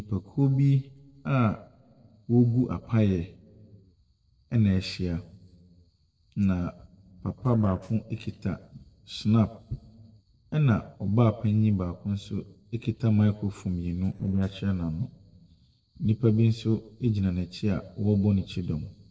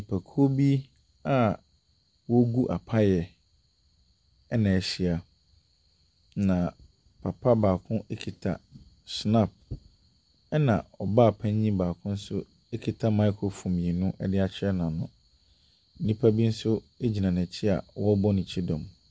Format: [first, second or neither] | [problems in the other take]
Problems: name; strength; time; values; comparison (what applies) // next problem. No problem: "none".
second | noise reduction (neural separator model SepFormer DNS4)